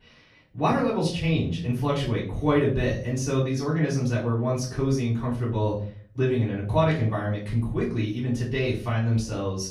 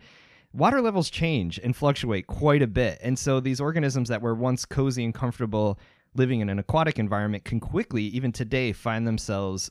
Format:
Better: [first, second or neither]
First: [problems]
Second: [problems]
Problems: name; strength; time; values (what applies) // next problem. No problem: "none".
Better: second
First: off-mic speech; far // room echo; slight; dies away in 0.4 s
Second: none